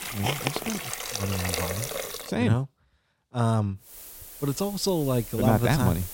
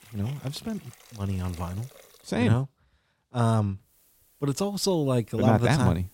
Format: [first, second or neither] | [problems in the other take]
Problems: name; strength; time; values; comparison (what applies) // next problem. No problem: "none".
second | hiss; loud; until 2 s and from 4 s on; 6 dB below the speech; faint in the second